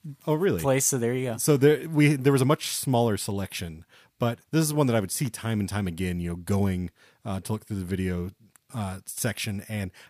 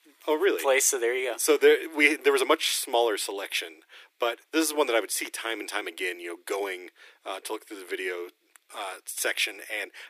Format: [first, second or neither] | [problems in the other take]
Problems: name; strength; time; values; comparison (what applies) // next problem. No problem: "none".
first | thin; very; fading below 300 Hz